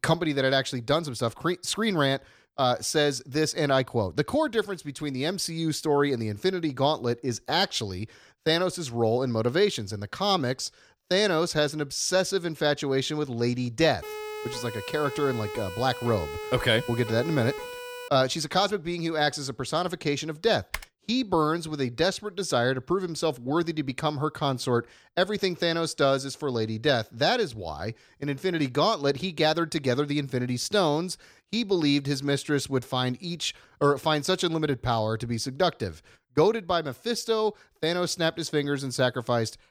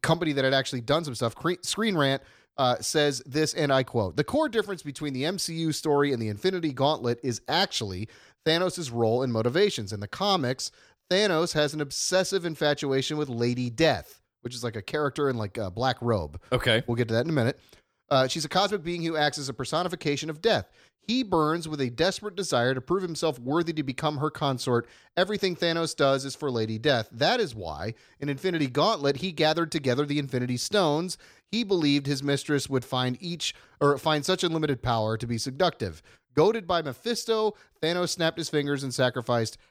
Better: second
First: siren; noticeable; from 14 to 18 s; peak 9 dB below the speech // keyboard typing; faint; at 21 s; peak 10 dB below the speech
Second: none

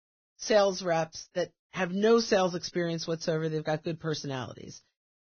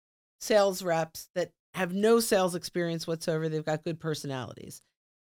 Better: second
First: garbled, watery; badly; nothing above 6.5 kHz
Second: none

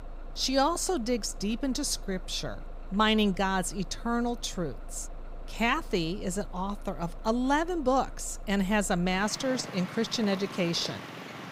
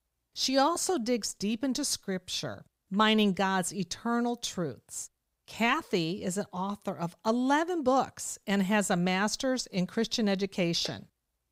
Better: second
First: traffic noise; noticeable; throughout; 15 dB below the speech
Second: none

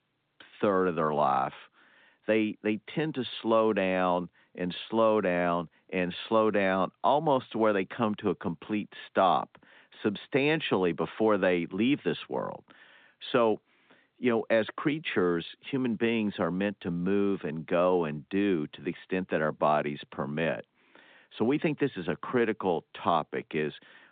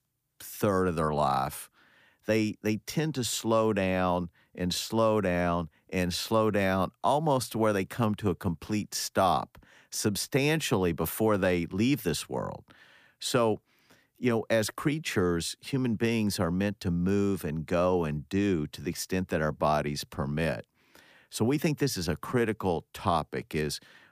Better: second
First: phone-call audio; nothing above 4 kHz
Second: none

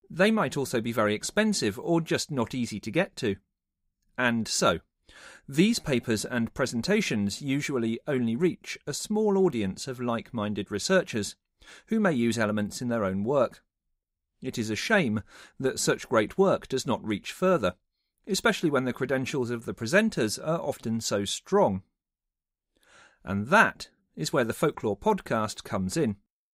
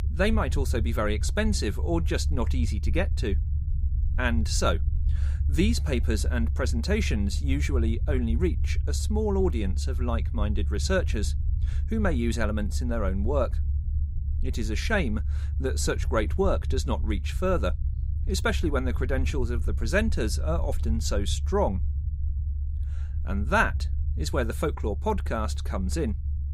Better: first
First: none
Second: low rumble; noticeable; throughout; 15 dB below the speech

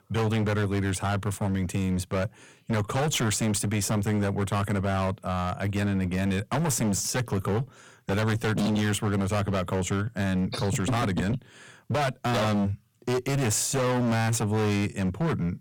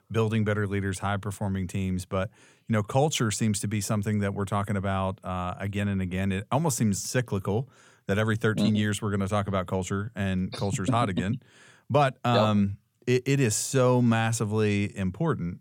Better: second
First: distortion; heavy; 29% of the sound clipped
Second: none

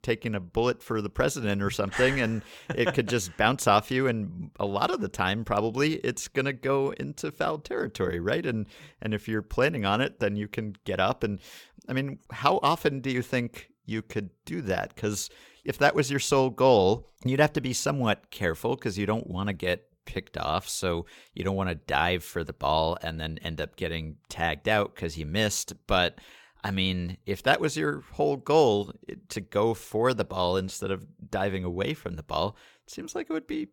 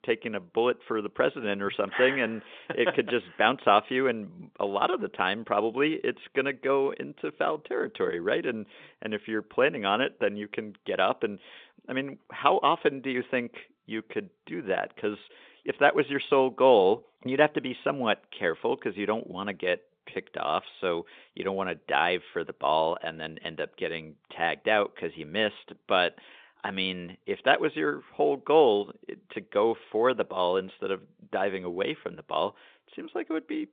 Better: first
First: none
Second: phone-call audio

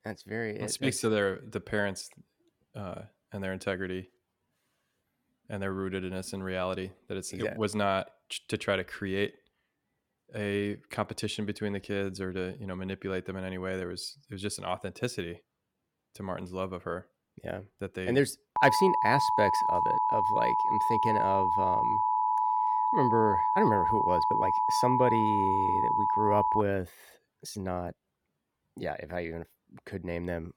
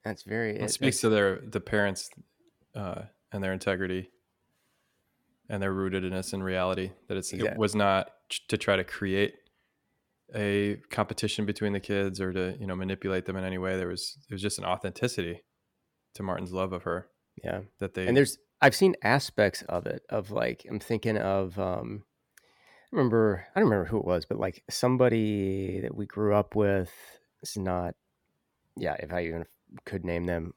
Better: second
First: alarm; loud; from 19 to 27 s; peak 6 dB above the speech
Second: none

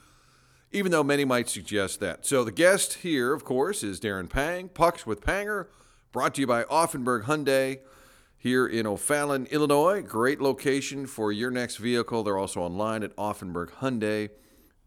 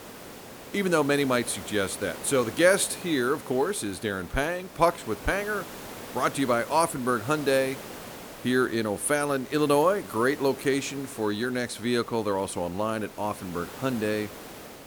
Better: first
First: none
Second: hiss; noticeable; throughout; 15 dB below the speech

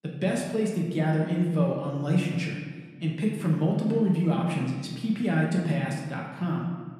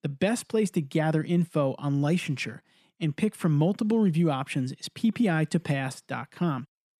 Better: second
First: room echo; noticeable; dies away in 1.3 s // off-mic speech; somewhat distant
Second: none

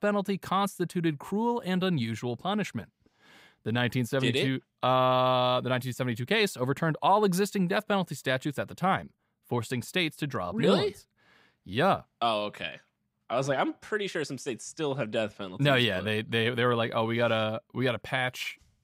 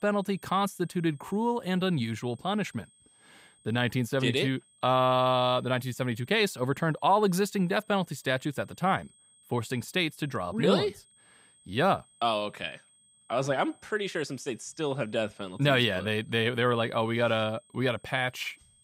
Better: first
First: none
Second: high-pitched whine; faint; throughout; 8.5 kHz, 30 dB below the speech

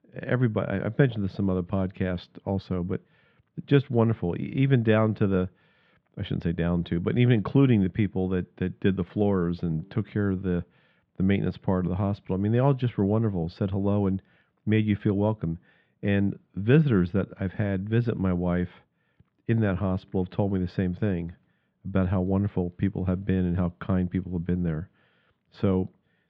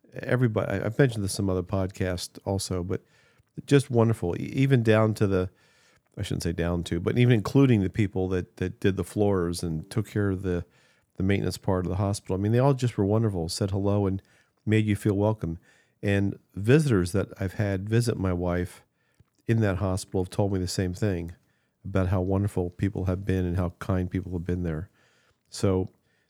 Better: second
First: muffled; very; fading above 3.5 kHz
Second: none

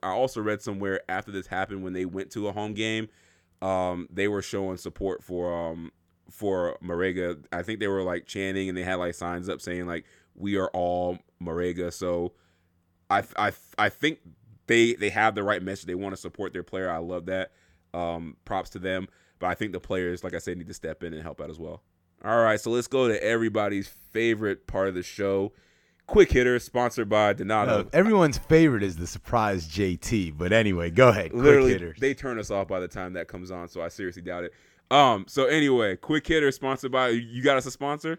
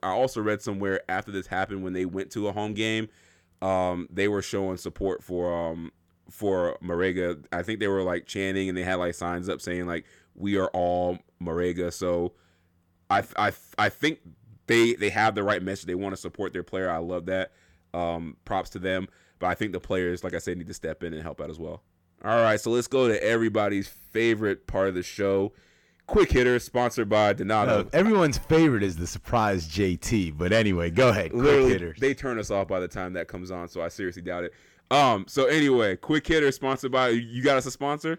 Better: first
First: none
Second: distortion; slight; 10 dB below the speech

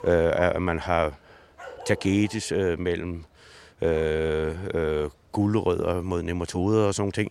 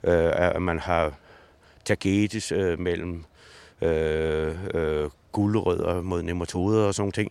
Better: second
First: animal sounds; faint; throughout; 20 dB below the speech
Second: none

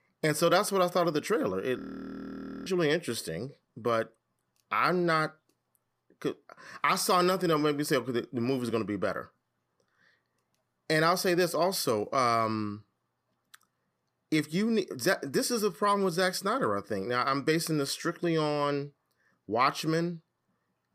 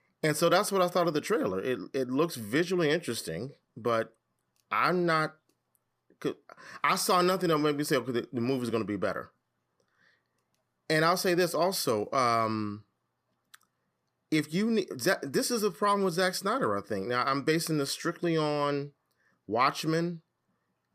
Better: second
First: audio freezing; at 2 s for 1 s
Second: none

